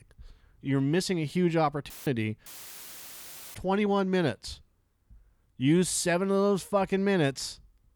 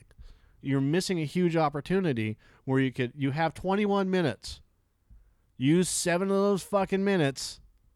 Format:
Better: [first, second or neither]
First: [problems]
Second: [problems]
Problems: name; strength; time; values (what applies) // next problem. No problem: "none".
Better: second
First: audio cutting out; filled with static; at 2 s and at 2.5 s for 1 s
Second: none